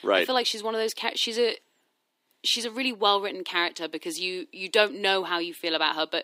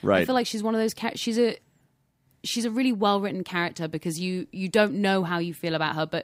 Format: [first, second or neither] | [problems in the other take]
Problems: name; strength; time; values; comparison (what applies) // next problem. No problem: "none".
second | thin; somewhat; fading below 350 Hz